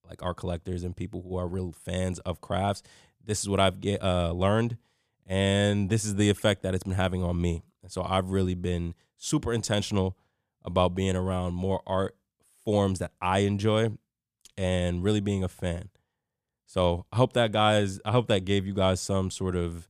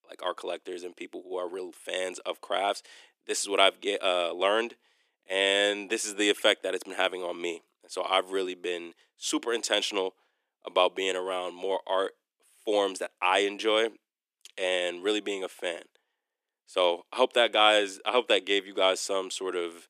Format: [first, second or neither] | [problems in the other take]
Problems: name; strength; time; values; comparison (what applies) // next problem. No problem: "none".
first | thin; very; fading below 300 Hz